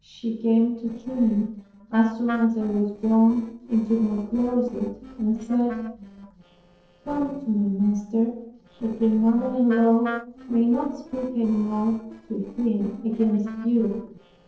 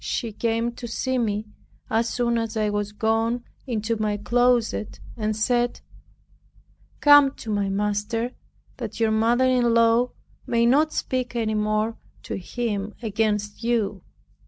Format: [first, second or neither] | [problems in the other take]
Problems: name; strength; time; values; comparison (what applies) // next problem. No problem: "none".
second | noise reduction (neural separator model SepFormer DNS4)